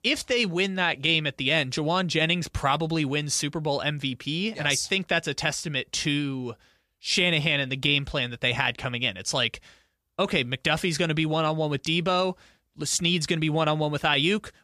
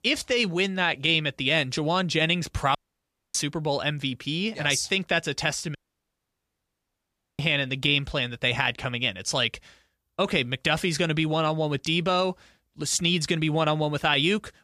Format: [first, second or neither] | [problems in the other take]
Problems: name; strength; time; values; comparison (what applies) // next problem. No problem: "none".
first | audio cutting out; at 3 s for 0.5 s and at 6 s for 1.5 s